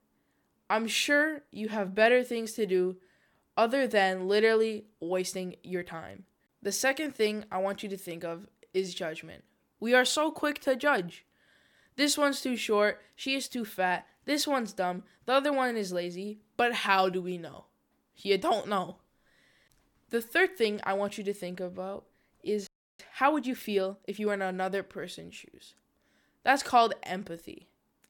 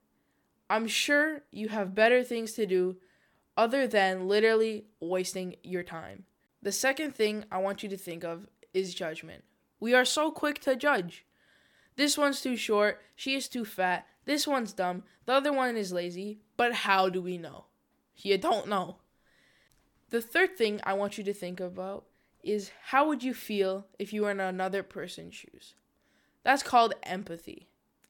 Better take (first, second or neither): second